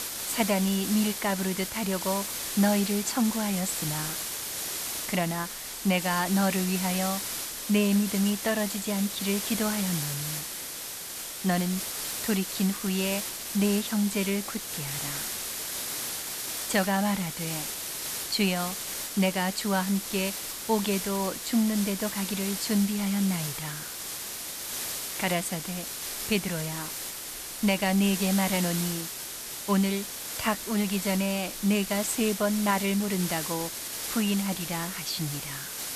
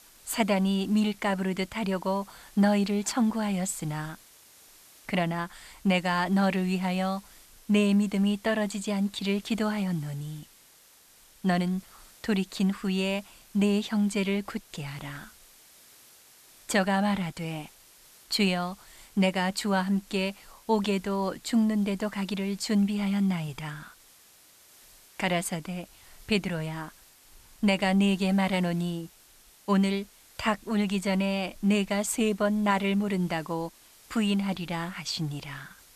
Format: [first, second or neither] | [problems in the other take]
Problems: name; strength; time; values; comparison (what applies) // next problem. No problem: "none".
second | hiss; loud; throughout; 4 dB below the speech; faint in the second